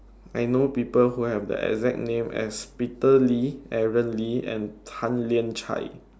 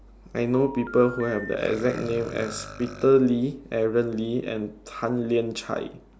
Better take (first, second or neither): first